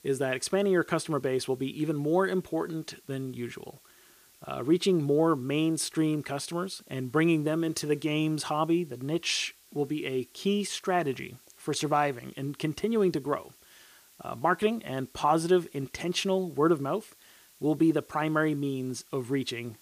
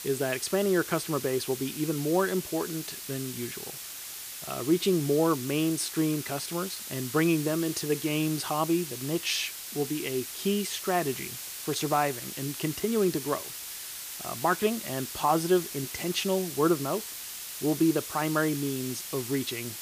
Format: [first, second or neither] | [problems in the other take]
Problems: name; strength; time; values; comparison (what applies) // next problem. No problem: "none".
first | hiss; loud; throughout; 7 dB below the speech; faint in the first